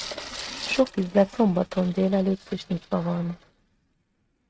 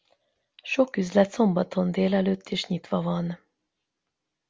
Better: second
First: noise reduction (neural mask model RNNoise)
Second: none

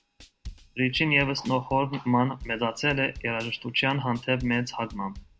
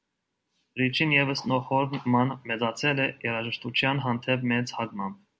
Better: second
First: background sound (Drum / Drum kit); 19 dB below the speech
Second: none

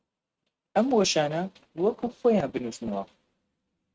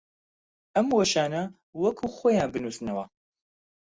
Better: second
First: noise reduction (neural mask model RNNoise)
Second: none

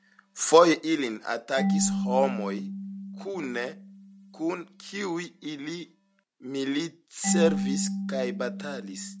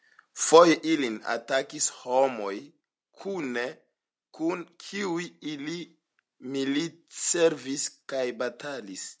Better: second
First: background sound (Marimba, xylophone / Wood); 5 dB below the speech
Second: none

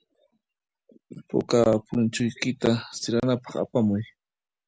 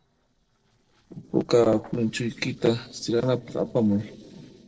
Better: first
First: none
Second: noise reduction (neural separator model SepFormer DNS4)

